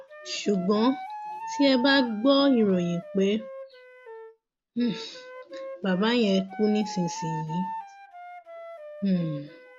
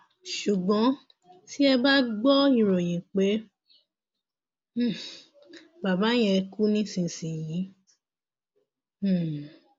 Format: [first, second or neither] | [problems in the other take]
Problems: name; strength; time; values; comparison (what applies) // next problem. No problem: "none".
second | background sound (Wind instrument, woodwind instrument); 13 dB below the speech